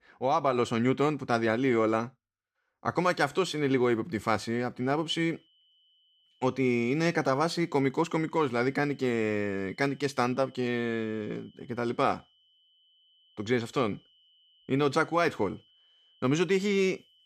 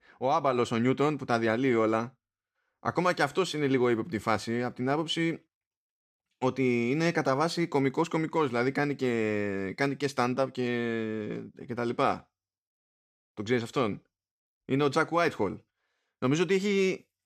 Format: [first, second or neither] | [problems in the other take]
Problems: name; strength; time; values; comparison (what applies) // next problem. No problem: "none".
second | high-pitched whine; faint; from 5 s on; 3 kHz, 35 dB below the speech